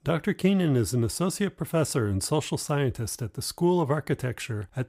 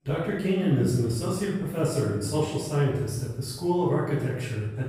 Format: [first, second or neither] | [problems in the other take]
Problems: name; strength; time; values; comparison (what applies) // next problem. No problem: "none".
first | off-mic speech; far // room echo; noticeable; dies away in 0.8 s